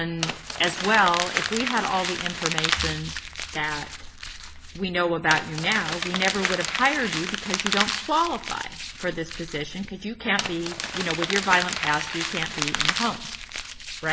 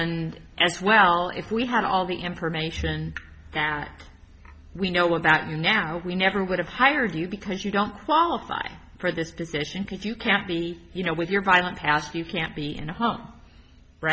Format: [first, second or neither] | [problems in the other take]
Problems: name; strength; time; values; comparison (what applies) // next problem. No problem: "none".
second | background sound (Crumpling, crinkling); 3 dB below the speech